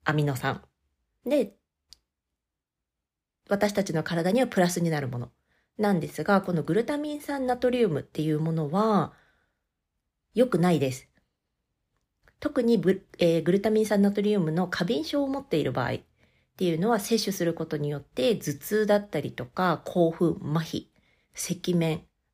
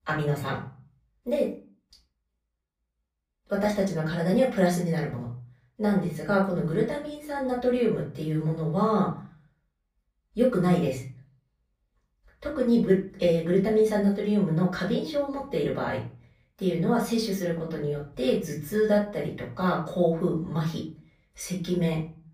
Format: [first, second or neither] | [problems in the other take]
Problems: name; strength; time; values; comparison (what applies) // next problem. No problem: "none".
first | off-mic speech; far // room echo; slight; dies away in 0.4 s